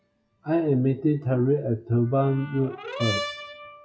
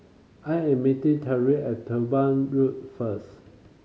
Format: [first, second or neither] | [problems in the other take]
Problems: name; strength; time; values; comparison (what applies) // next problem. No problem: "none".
second | noise reduction (classical method WPE with log-MMSE)